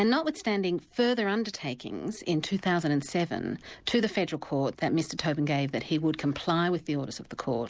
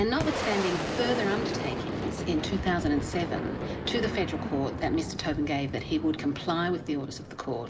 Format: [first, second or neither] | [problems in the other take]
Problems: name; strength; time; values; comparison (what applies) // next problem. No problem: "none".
first | background sound (Boom); 4 dB below the speech // room echo; dies away in 0.9 s